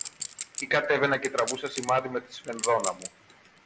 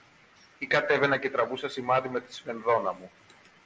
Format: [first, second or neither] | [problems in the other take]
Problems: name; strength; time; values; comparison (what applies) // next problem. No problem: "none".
second | background sound (Chink, clink); 10 dB below the speech